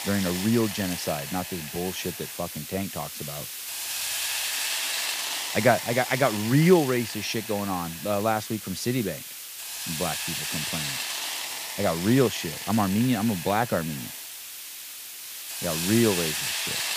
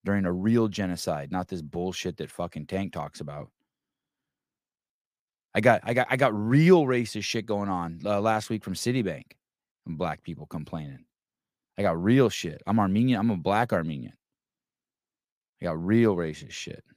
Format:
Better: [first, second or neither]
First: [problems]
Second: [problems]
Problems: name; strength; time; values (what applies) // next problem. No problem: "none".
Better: second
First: hiss; loud; throughout; 4 dB below the speech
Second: none